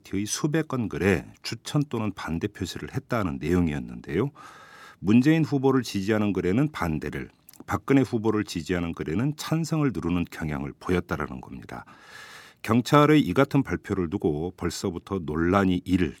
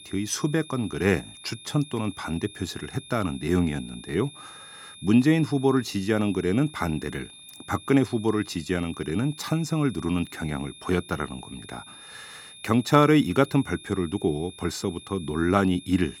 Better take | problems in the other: first | high-pitched whine; noticeable; throughout; 3.5 kHz, 20 dB below the speech

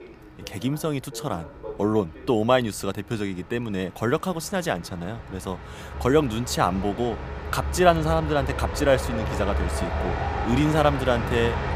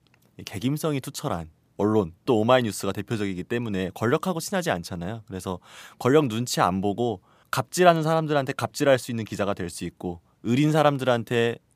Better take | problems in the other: second | train or aircraft noise; loud; throughout; 6 dB below the speech

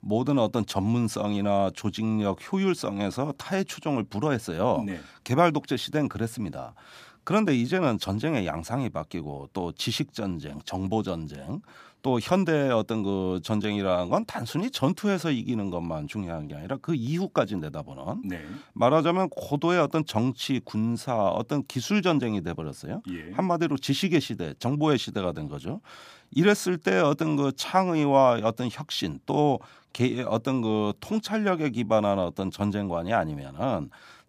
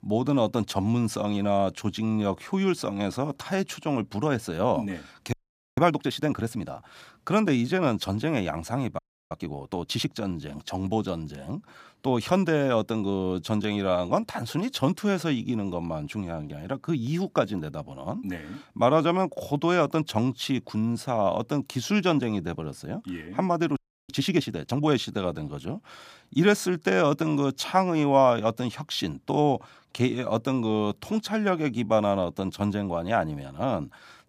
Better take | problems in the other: first | audio freezing; at 5.5 s, at 9 s and at 24 s

